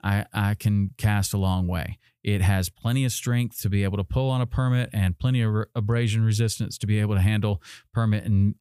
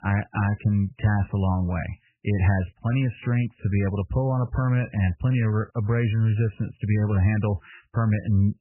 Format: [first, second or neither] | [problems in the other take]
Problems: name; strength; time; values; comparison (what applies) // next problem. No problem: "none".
first | garbled, watery; badly; nothing above 3 kHz